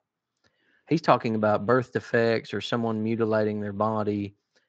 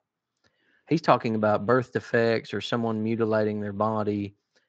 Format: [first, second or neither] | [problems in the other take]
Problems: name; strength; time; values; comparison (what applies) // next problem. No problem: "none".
neither | garbled, watery; slightly; nothing above 7.5 kHz; the same in both